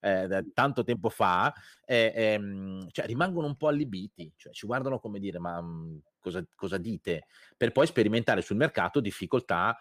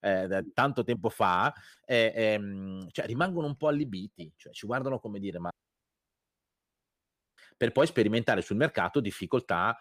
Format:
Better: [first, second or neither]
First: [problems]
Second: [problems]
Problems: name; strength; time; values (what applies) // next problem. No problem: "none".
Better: first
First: none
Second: audio cutting out; at 5.5 s for 2 s